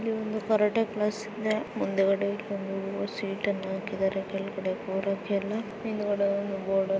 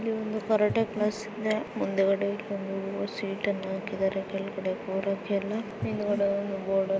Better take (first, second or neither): first